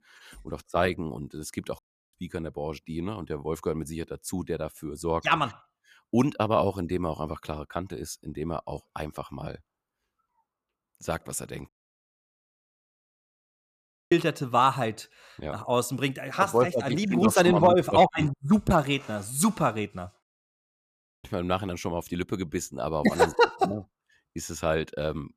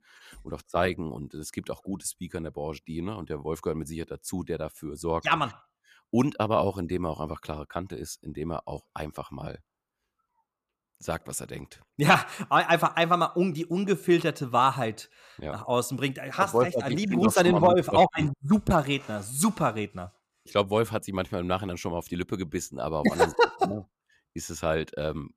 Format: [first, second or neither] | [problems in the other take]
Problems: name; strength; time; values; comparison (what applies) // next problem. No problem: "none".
second | audio cutting out; at 2 s, at 12 s for 2.5 s and at 20 s for 1 s